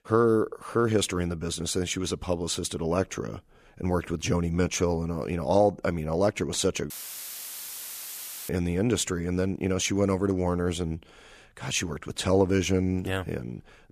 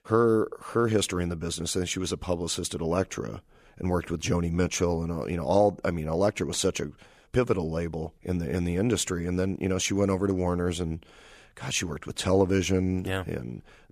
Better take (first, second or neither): second